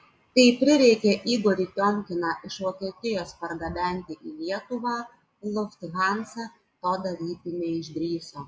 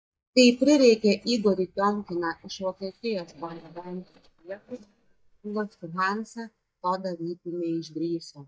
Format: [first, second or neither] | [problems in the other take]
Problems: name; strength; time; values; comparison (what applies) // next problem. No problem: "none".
first | noise reduction (neural mask model DeepFilterNet 3)